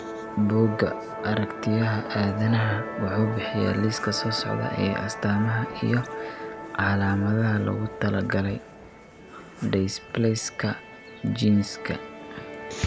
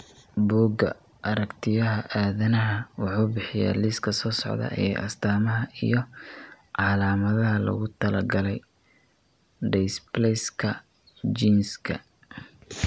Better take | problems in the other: second | background sound (Musical instrument); 10 dB below the speech

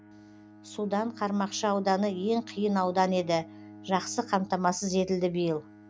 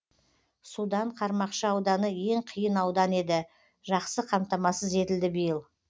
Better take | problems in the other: second | background sound (Bowed string instrument); 20 dB below the speech

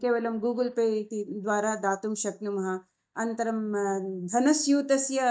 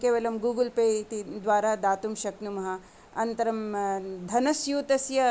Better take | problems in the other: second | noise reduction (neural mask model DeepFilterNet 3)

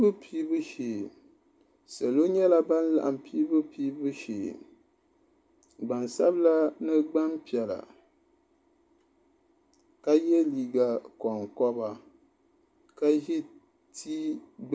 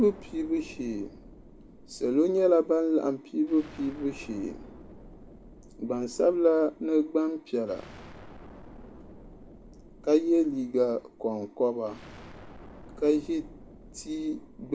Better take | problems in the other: first | background sound (Explosion); 20 dB below the speech

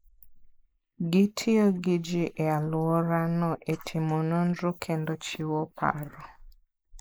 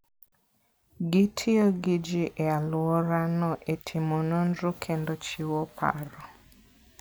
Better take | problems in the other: second | noise reduction (neural mask model Resemble Enhance denoiser)

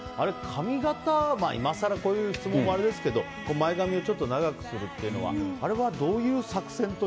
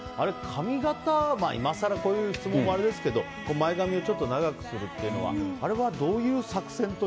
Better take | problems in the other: first | background sound (Wind instrument, woodwind instrument); 13 dB below the speech

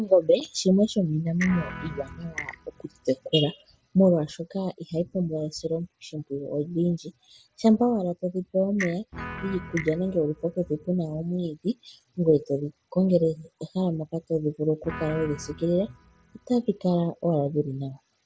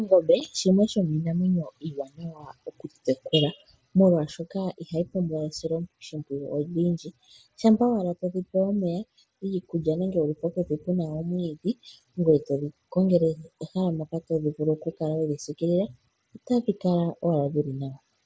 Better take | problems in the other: second | background sound (Guitar + Clock); 13 dB below the speech

